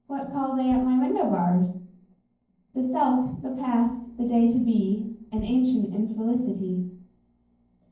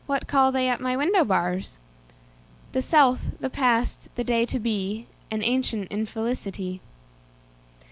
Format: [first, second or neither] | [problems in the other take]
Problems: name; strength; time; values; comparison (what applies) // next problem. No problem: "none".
second | noise reduction (neural separator model SepFormer DNS4)